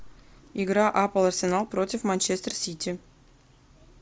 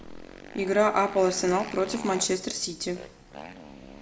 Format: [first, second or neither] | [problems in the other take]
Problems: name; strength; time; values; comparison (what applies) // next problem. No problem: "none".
first | background sound (Motorcycle); 15 dB below the speech // room echo; dies away in 0.6 s